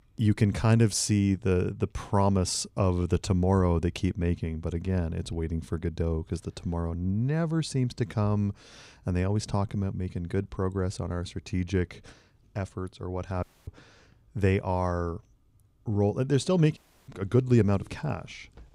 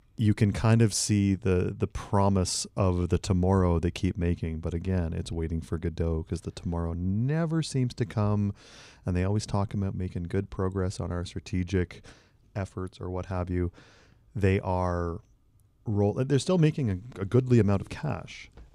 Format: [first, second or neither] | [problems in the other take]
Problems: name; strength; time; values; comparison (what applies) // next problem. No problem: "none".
second | audio cutting out; at 13 s and at 17 s